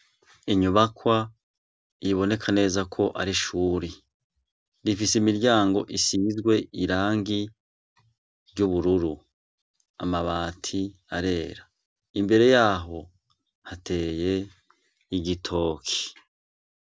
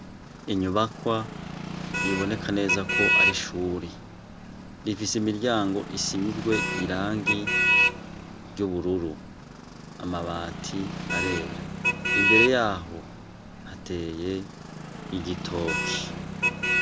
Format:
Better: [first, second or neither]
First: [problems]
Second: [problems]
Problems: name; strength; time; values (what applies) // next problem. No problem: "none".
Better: first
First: none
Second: background sound (Motor vehicle (road)); 1 dB above the speech